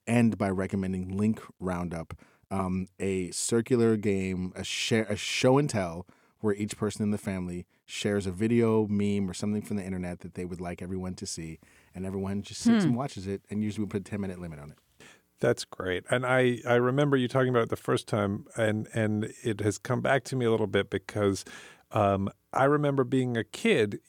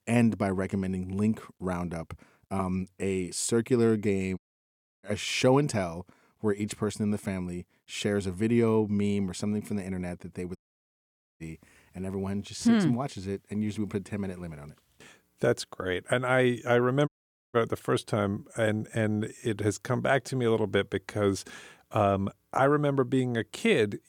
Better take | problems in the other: first | audio cutting out; at 4.5 s for 0.5 s, at 11 s for 1 s and at 17 s

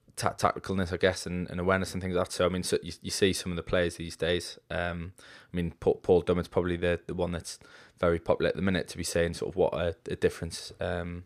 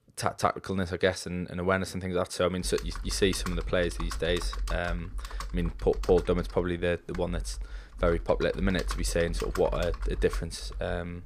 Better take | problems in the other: first | keyboard typing; noticeable; from 2.5 s on; peak 5 dB below the speech

